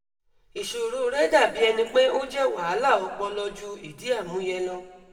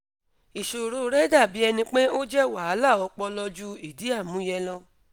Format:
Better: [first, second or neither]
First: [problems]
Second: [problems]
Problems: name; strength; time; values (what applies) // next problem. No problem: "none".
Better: second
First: room echo; dies away in 1.2 s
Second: none